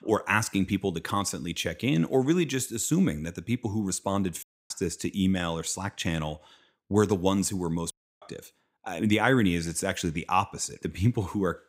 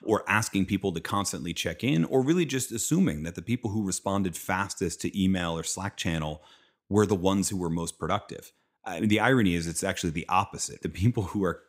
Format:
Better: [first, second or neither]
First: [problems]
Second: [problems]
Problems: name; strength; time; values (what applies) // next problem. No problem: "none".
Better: second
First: audio cutting out; at 4.5 s and at 8 s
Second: none